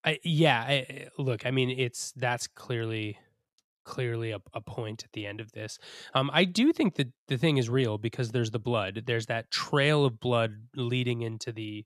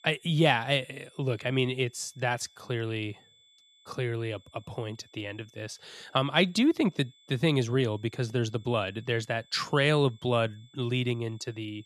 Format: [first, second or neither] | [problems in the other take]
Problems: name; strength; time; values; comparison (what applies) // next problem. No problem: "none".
first | high-pitched whine; faint; throughout; 3.5 kHz, 30 dB below the speech